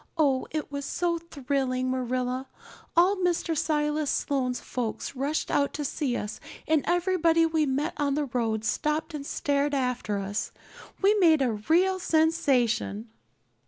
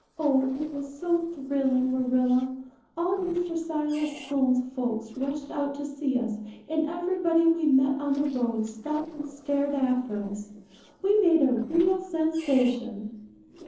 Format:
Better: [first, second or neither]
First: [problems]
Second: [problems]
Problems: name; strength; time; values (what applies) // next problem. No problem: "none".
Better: first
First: none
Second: noise reduction (neural separator model SepFormer DNS4)